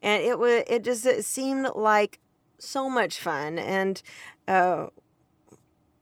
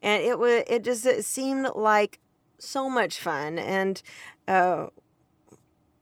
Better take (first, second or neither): neither